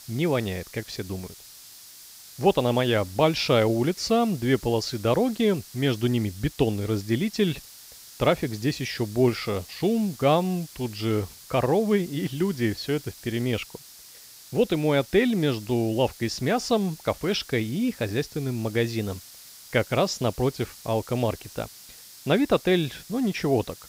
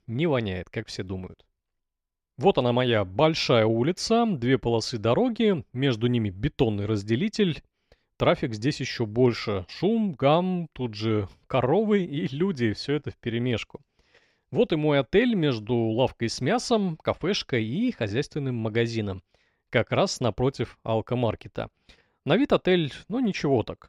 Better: second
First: hiss; noticeable; throughout; 20 dB below the speech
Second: none

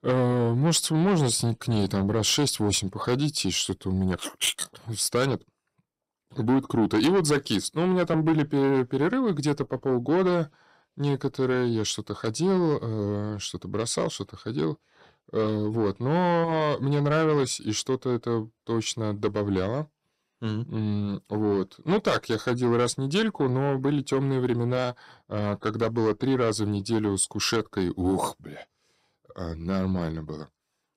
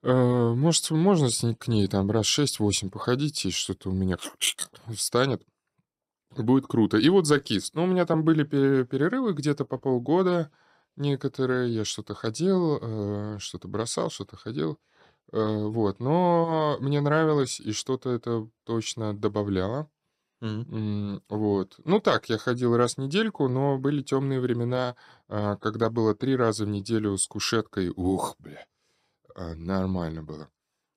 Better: second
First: distortion; slight; 10 dB below the speech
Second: none

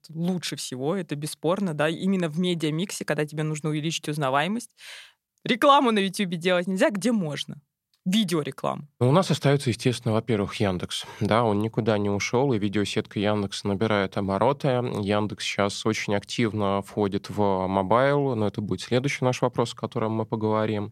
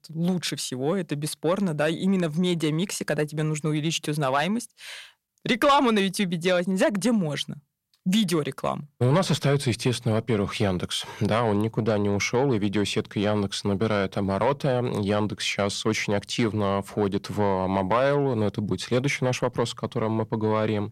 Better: first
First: none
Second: distortion; slight; 10 dB below the speech

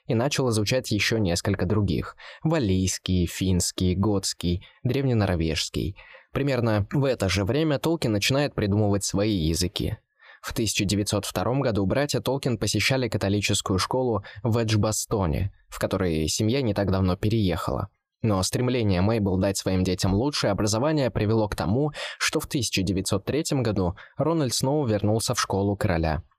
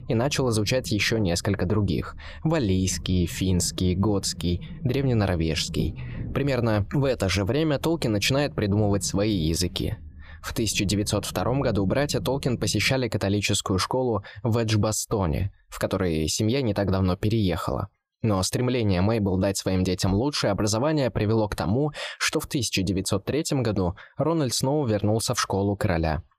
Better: first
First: none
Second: low rumble; faint; until 13 s; 20 dB below the speech

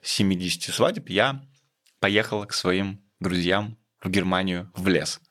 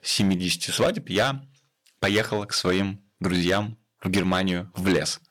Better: first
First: none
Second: distortion; slight; 4% of the sound clipped

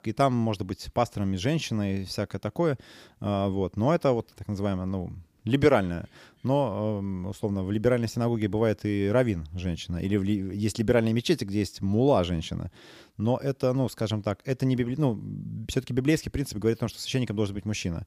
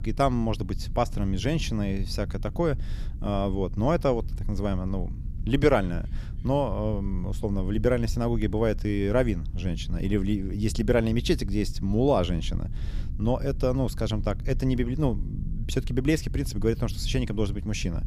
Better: first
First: none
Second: low rumble; faint; throughout; 20 dB below the speech

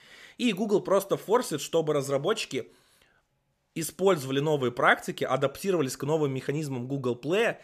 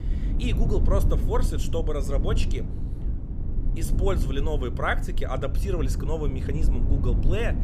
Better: first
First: none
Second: low rumble; loud; throughout; 9 dB below the speech

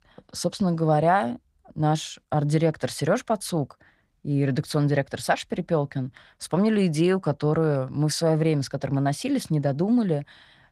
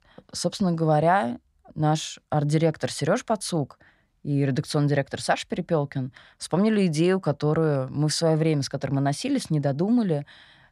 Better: second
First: garbled, watery; slightly; nothing above 15.5 kHz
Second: none

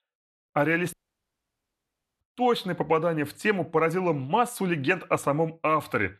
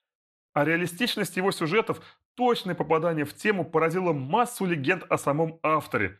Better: second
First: audio cutting out; at 1 s for 1.5 s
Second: none

